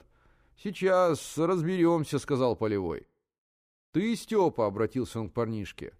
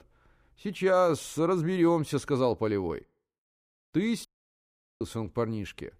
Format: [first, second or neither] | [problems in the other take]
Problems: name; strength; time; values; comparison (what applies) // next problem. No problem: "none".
first | audio cutting out; at 4.5 s for 1 s